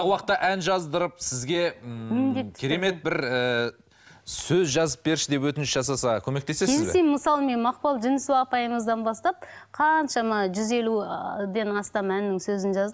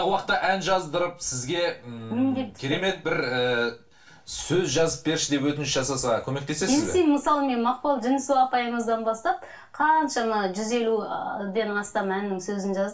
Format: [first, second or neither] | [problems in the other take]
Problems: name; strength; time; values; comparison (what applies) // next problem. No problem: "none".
first | room echo; dies away in 0.3 s